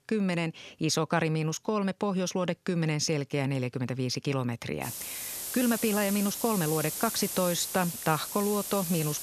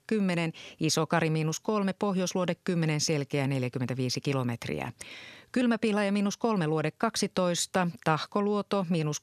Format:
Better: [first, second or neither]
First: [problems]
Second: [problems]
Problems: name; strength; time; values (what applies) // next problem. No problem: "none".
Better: second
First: hiss; loud; from 5 s on; 4 dB below the speech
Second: none